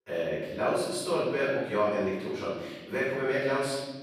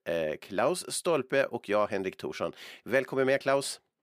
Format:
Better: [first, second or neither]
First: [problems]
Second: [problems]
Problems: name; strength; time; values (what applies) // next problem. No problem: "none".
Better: second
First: off-mic speech; far // room echo; strong; dies away in 1.3 s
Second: none